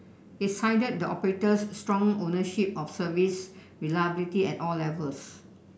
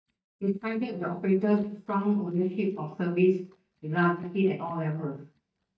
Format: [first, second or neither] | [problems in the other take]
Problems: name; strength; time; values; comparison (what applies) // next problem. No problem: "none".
first | noise reduction (neural mask model DeepFilterNet 3)